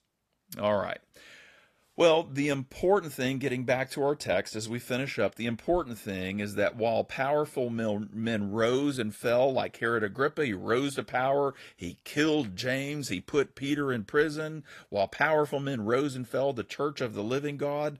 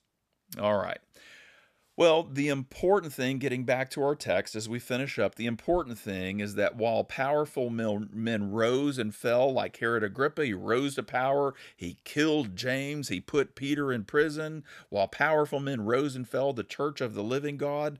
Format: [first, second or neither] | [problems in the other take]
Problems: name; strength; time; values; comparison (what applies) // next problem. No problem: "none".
second | garbled, watery; slightly; nothing above 14.5 kHz